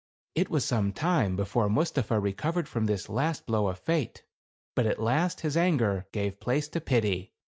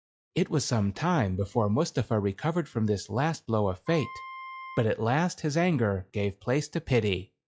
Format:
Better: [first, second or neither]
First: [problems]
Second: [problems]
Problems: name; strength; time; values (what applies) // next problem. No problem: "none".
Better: first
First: none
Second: noise reduction (classical method log-MMSE)